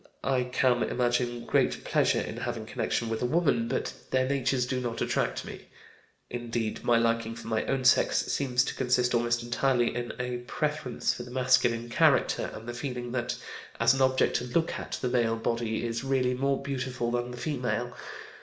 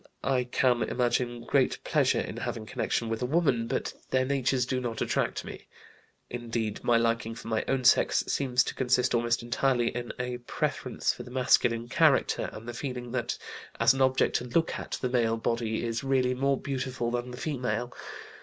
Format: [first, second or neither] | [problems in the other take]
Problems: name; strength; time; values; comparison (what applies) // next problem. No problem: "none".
second | room echo; dies away in 0.6 s